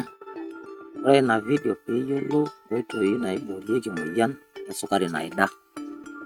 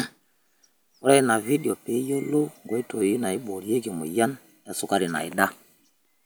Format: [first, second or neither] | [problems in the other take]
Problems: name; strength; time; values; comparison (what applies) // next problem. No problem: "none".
second | noise reduction (neural mask model RNNoise)